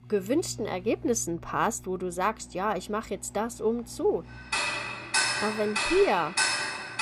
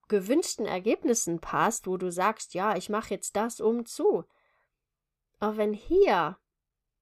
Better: second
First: household noises; very loud; throughout; 1 dB above the speech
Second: none

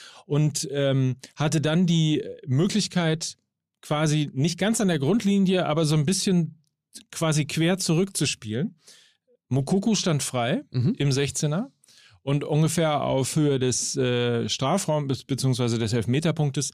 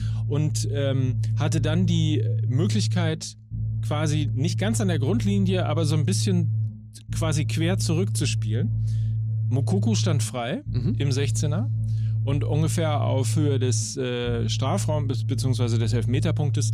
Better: first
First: none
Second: low rumble; loud; throughout; 10 dB below the speech

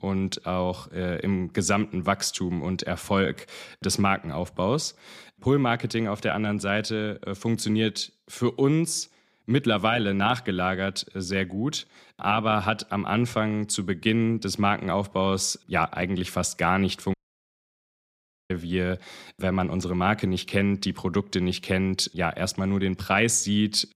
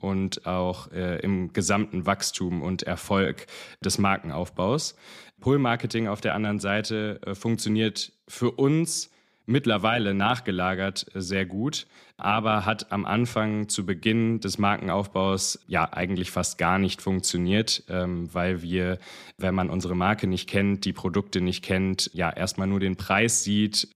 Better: second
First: audio cutting out; at 17 s for 1.5 s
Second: none

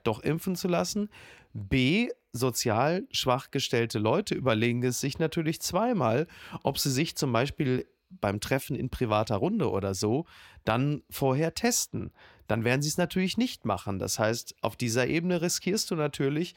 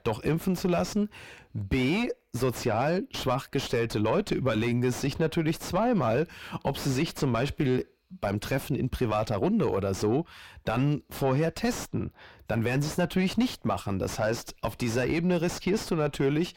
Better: first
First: none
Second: distortion; heavy; 5 dB below the speech

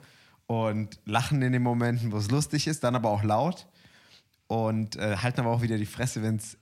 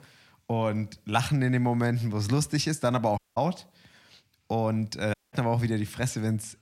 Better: first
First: none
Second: audio cutting out; at 3 s and at 5 s

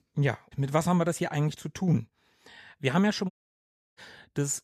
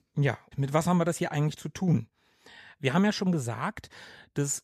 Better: second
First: audio cutting out; at 3.5 s for 0.5 s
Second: none

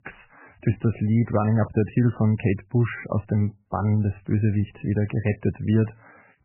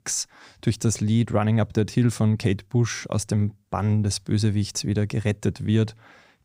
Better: second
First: garbled, watery; badly; nothing above 3 kHz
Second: none

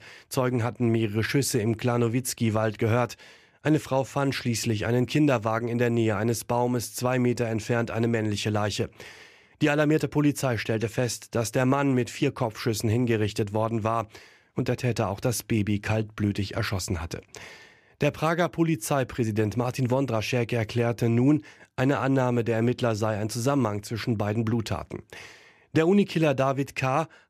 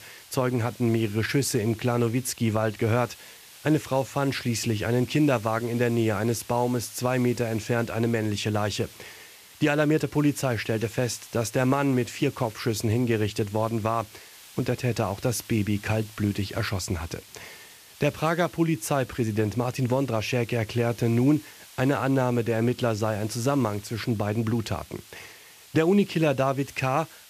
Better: first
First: none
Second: hiss; faint; throughout; 20 dB below the speech

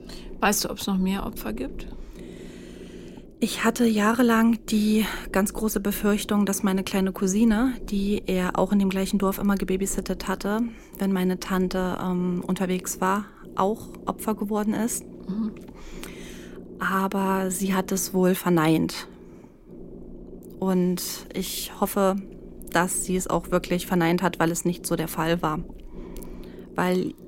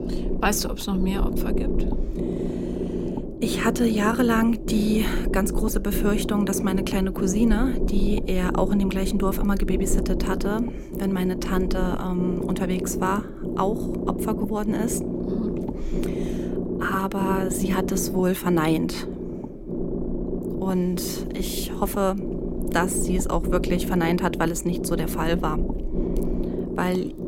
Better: first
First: low rumble; faint; throughout; 20 dB below the speech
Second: low rumble; loud; throughout; 5 dB below the speech

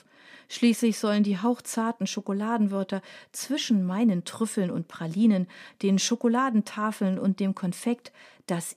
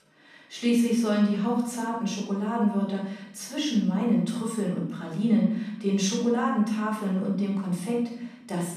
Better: first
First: none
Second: off-mic speech; far // room echo; noticeable; dies away in 0.7 s

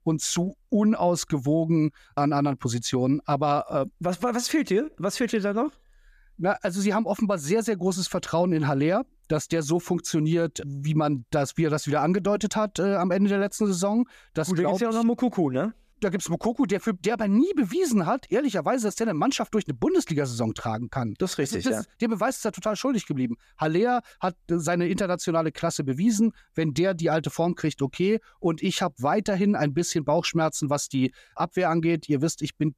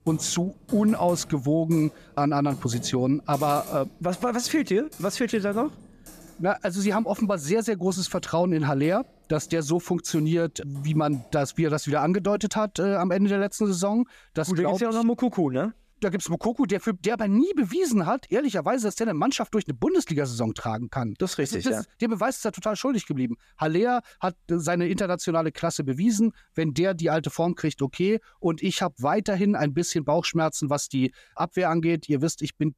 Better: first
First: none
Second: household noises; faint; throughout; 20 dB below the speech

